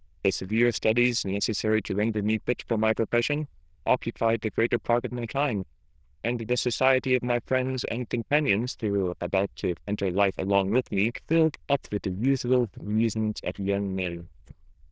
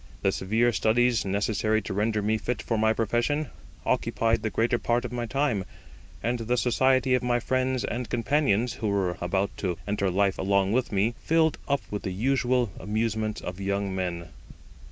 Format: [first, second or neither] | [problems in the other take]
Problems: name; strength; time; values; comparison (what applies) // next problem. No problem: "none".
second | noise reduction (neural diffusion model UNIVERSE++)